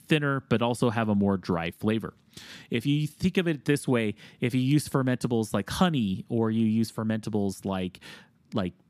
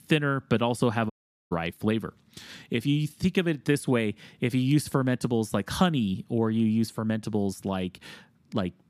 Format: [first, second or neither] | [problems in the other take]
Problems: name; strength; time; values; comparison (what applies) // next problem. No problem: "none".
first | audio cutting out; at 1 s